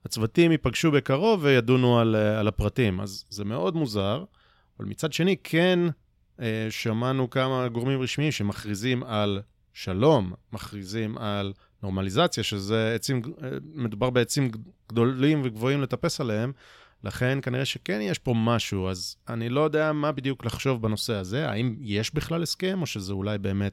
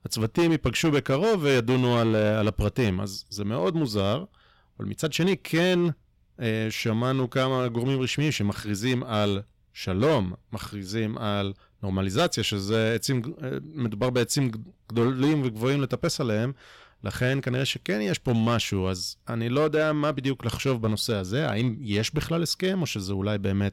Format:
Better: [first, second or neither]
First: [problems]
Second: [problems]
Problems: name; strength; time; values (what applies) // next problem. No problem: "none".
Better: first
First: none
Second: distortion; slight; 6% of the sound clipped